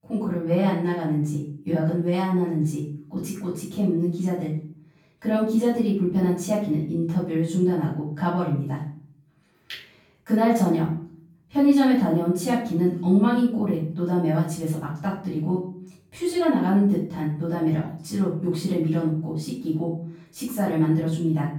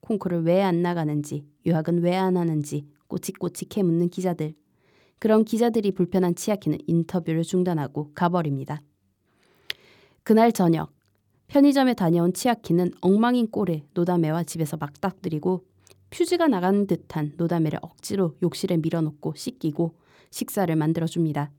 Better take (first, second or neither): second